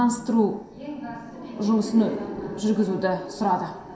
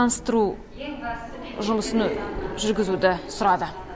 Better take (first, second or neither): second